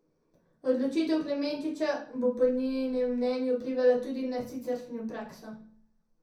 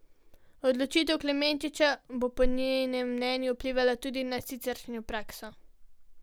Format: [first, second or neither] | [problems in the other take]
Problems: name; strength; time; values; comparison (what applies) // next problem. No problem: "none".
second | room echo; dies away in 0.6 s